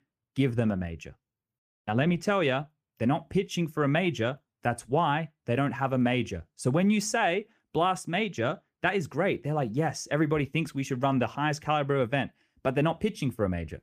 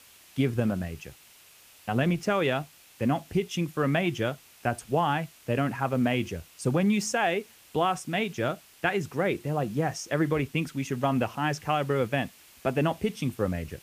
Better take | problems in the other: first | hiss; faint; throughout; 25 dB below the speech

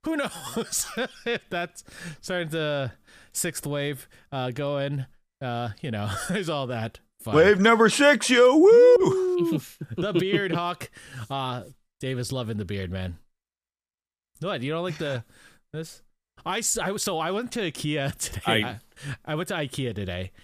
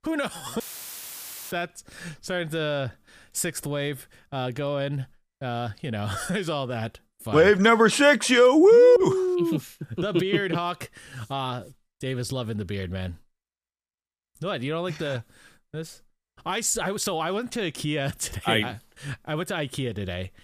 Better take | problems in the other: first | audio cutting out; filled with static; at 0.5 s for 1 s

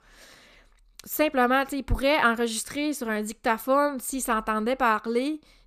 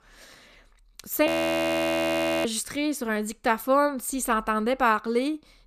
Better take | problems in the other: first | audio freezing; at 1.5 s for 1 s

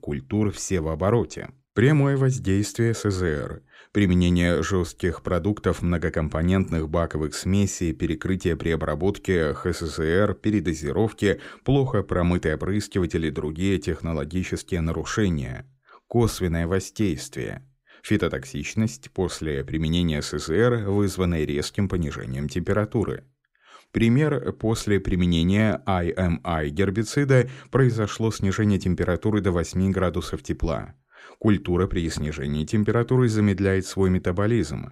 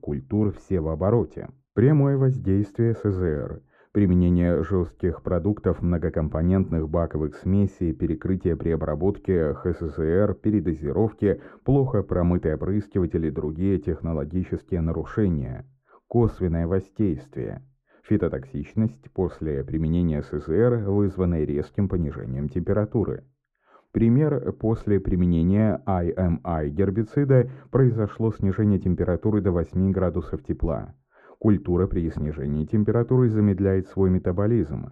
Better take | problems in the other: first | muffled; very; fading above 2 kHz

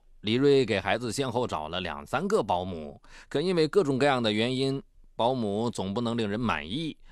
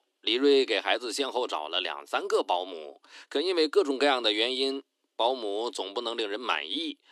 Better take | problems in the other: first | thin; very slightly; fading below 300 Hz

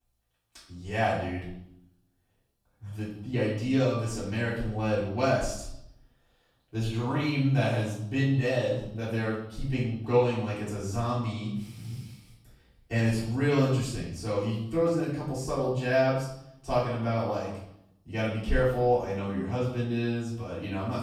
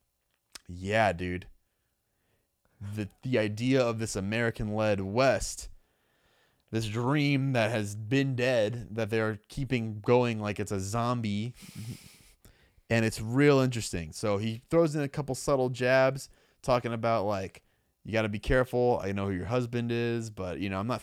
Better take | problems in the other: second | off-mic speech; far // room echo; noticeable; dies away in 0.7 s

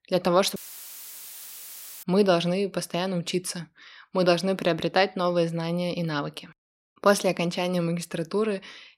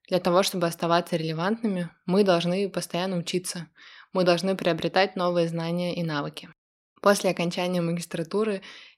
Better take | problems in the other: second | audio cutting out; filled with static; at 0.5 s for 1.5 s

